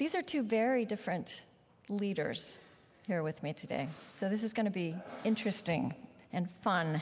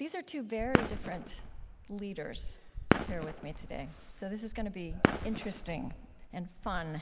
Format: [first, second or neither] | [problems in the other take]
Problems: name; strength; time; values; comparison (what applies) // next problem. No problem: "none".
first | background sound (Fireworks); 4 dB above the speech